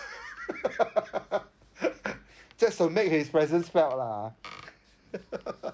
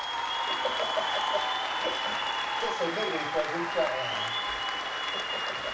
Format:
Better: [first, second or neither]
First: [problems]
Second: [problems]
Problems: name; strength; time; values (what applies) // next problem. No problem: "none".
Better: first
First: none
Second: background sound (Applause / Cheering); 5 dB above the speech // room echo; dies away in 0.3 s